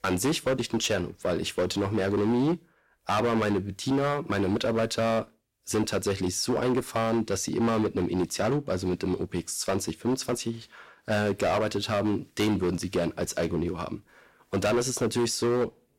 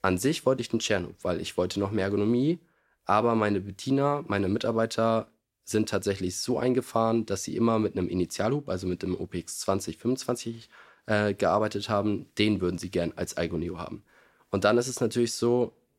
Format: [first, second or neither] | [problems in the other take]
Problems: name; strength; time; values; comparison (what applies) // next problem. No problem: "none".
second | distortion; heavy; 13% of the sound clipped